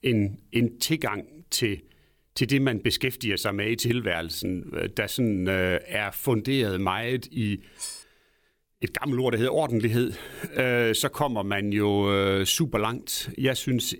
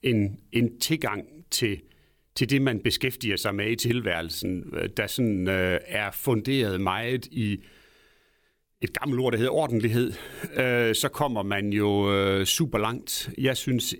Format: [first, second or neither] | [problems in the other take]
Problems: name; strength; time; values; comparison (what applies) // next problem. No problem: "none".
second | clattering dishes; noticeable; at 8 s; peak 10 dB below the speech